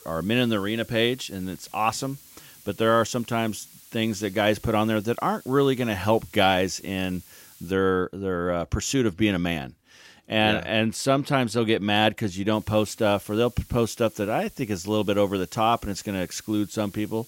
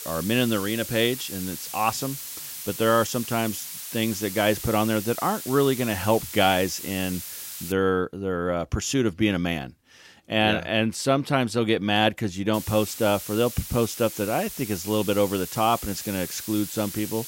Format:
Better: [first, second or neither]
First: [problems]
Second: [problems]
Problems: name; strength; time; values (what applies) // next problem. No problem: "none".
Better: first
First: hiss; faint; until 7.5 s and from 13 s on; 25 dB below the speech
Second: hiss; loud; until 7.5 s and from 13 s on; 9 dB below the speech